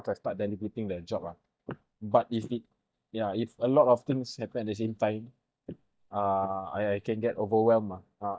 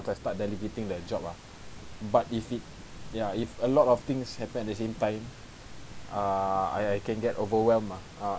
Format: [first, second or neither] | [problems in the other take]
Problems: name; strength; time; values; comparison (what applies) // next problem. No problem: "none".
second | noise reduction (neural mask model DeepFilterNet 3)